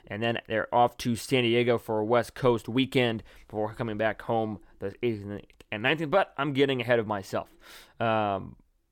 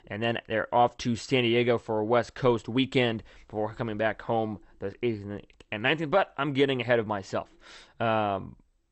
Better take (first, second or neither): first